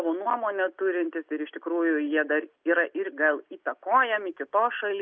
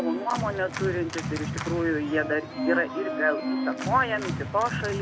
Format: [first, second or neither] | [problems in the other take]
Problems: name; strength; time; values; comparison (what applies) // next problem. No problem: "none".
first | background sound (Organ); 3 dB below the speech